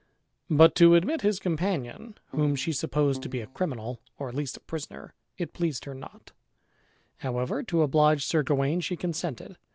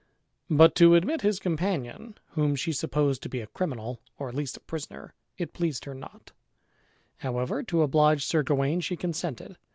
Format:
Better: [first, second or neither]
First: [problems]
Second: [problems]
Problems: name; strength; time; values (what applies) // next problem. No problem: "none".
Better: second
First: background sound (Keyboard (musical)); 14 dB below the speech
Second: none